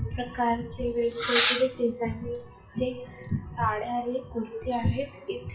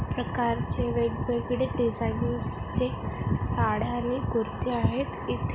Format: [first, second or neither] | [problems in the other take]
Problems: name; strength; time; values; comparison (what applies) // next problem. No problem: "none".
second | noise reduction (classical method WPE with log-MMSE)